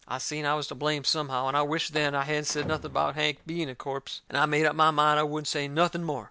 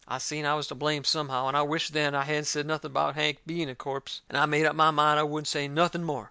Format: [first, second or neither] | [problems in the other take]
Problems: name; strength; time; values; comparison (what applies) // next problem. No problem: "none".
second | background sound (Slam); 18 dB below the speech